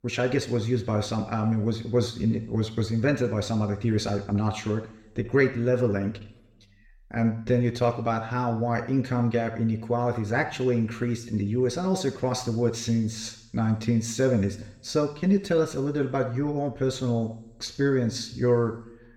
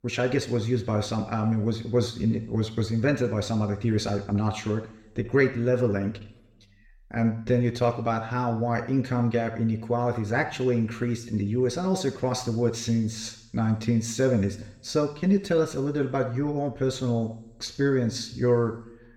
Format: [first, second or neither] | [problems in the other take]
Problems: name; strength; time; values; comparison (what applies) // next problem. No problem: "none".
neither | room echo; slight; dies away in 0.7 s; the same in both